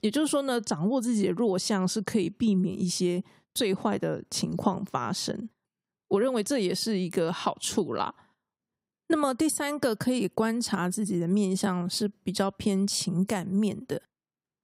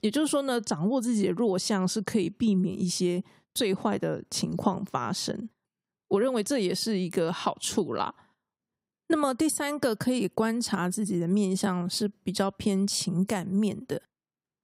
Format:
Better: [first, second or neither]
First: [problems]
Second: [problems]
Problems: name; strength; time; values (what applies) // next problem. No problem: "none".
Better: neither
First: none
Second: none